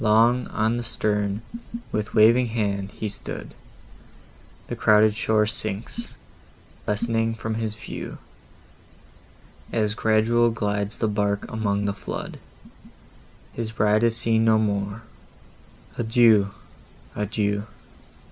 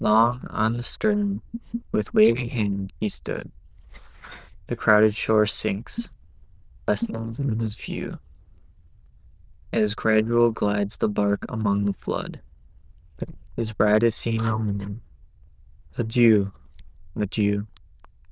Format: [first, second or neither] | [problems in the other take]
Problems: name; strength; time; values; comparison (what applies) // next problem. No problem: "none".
first | noise reduction (neural diffusion model UNIVERSE++)